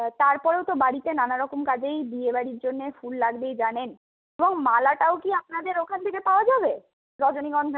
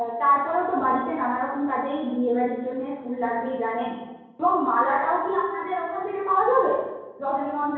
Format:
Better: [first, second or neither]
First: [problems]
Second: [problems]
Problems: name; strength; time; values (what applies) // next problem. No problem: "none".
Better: first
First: none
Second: room echo; dies away in 1 s